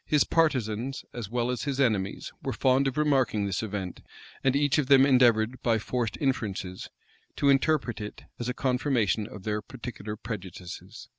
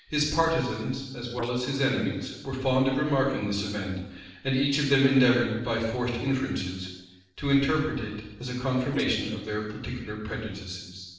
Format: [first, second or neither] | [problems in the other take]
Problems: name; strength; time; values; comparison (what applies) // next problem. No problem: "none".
first | noise reduction (neural separator model SepFormer DNS4)